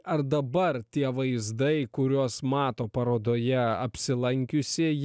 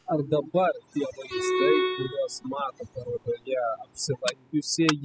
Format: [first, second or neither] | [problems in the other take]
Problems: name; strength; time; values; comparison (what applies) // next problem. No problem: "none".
first | noise reduction (classical method spectral subtraction)